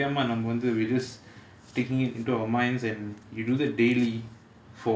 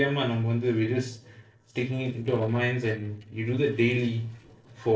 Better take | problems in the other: first | noise reduction (neural separator model SepFormer DNS4)

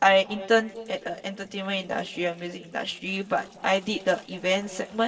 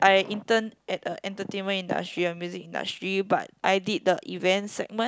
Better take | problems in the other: second | noise reduction (neural separator model SepFormer DNS4)

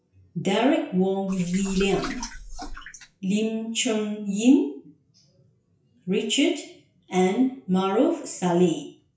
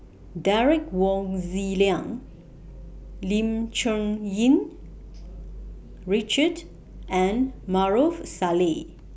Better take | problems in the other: second | noise reduction (classical method WPE with log-MMSE)

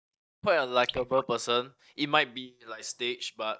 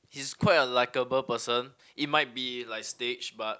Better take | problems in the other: second | noise reduction (neural mask model DeepFilterNet 3)

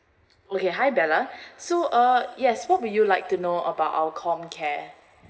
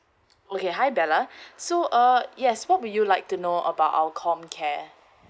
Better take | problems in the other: second | room echo; dies away in 2 s

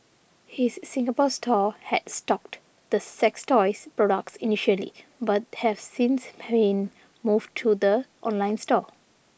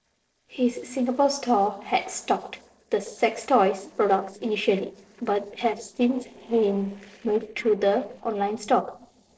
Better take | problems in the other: first | noise reduction (neural separator model SepFormer DNS4)

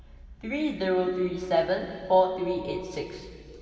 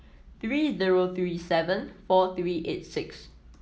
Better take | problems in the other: second | room echo; dies away in 2.5 s

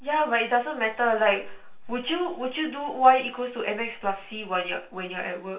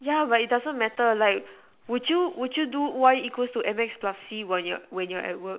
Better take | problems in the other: second | room echo; dies away in 0.3 s

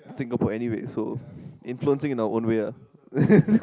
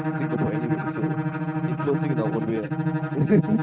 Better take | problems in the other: first | noise reduction (neural mask model RNNoise)

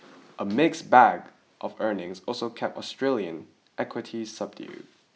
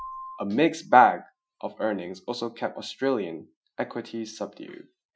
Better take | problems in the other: first | noise reduction (classical method Wiener filter)

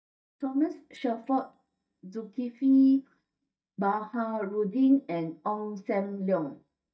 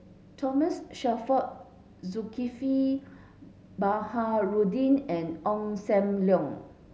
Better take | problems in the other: second | noise reduction (neural mask model DeepFilterNet 3)

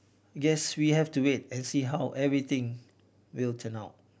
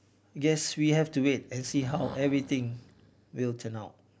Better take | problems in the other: first | background sound (Breathing); 20 dB below the speech

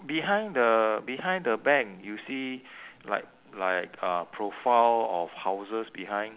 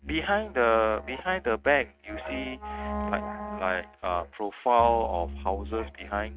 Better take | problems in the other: first | noise reduction (neural mask model RNNoise)

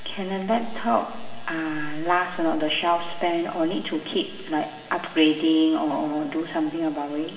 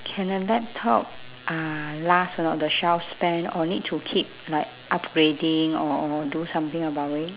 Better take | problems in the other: second | room echo; dies away in 2.1 s

